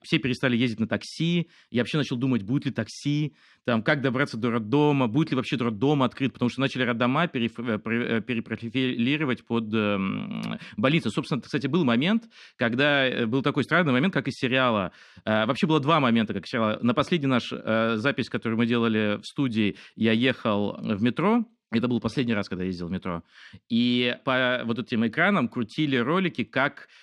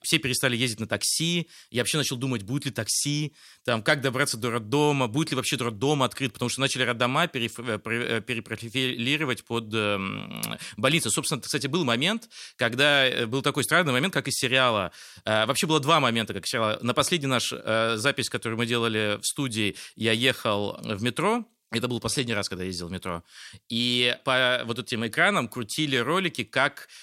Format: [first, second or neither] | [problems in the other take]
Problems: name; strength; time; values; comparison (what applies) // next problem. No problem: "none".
second | muffled; slightly; fading above 3 kHz